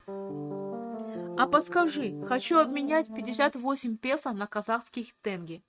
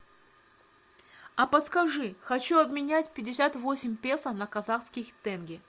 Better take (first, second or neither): second